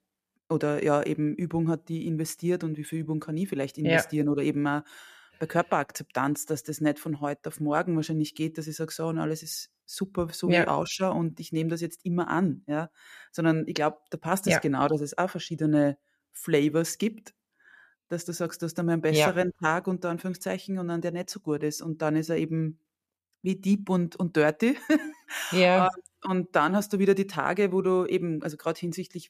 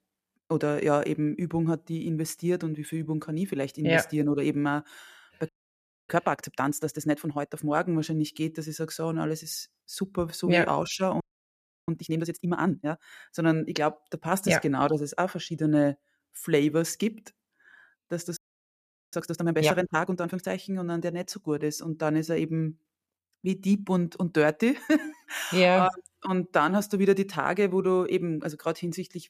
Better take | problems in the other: first | audio freezing; at 5.5 s for 0.5 s, at 11 s for 0.5 s and at 18 s for 1 s

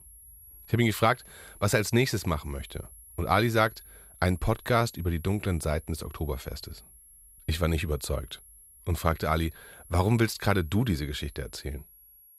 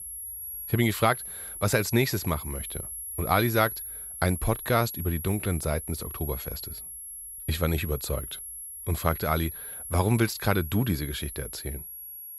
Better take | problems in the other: first | high-pitched whine; loud; throughout; 11.5 kHz, 8 dB below the speech; faint in the first

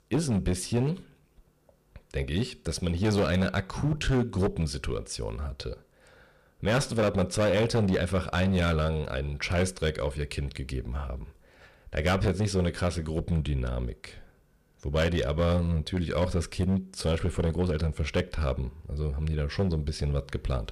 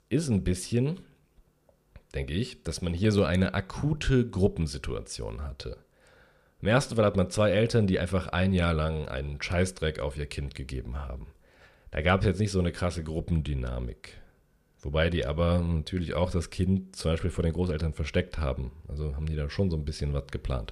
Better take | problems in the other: second | distortion; slight; 7% of the sound clipped

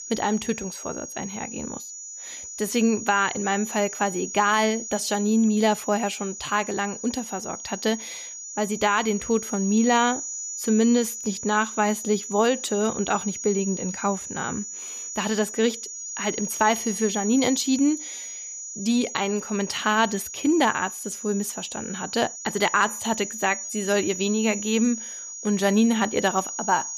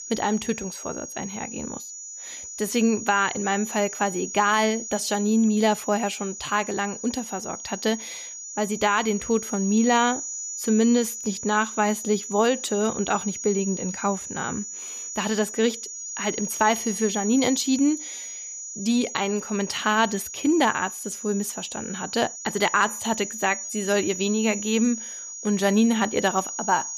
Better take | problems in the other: neither | high-pitched whine; loud; throughout; 7 kHz, 8 dB below the speech; the same in both

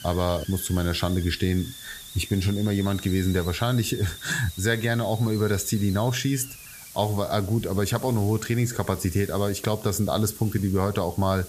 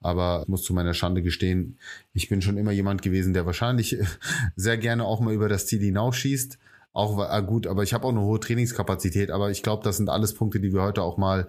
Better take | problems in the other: second | hiss; noticeable; throughout; 15 dB below the speech

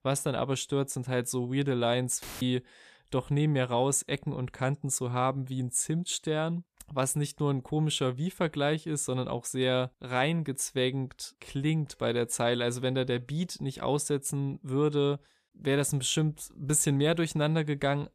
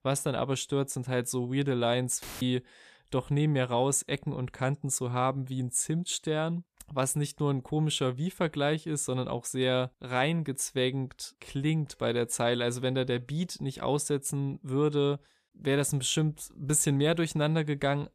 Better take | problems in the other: neither | audio cutting out; filled with static; at 2 s; the same in both

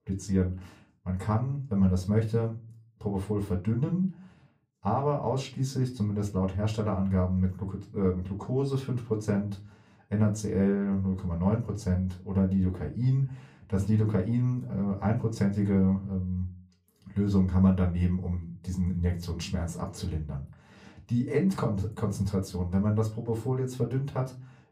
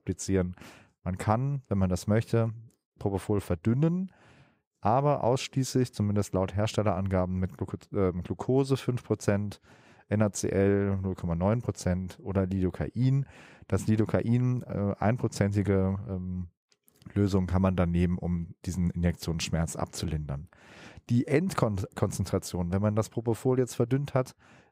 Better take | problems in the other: second | off-mic speech; far // room echo; very slight; dies away in 0.3 s

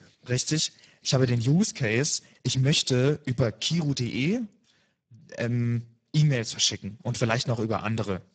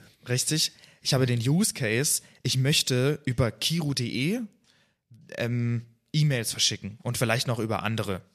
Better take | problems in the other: second | garbled, watery; badly; nothing above 7.5 kHz

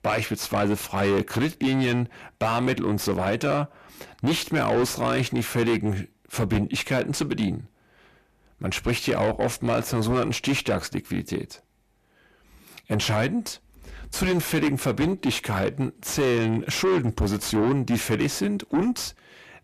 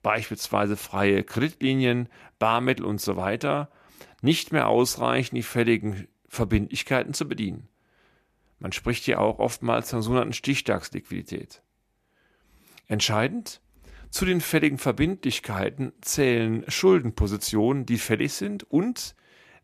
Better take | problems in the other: second | distortion; heavy; 6 dB below the speech

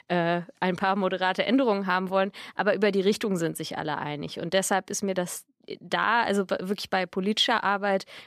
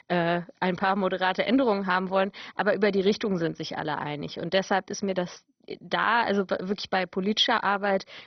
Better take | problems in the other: first | garbled, watery; badly; nothing above 6 kHz

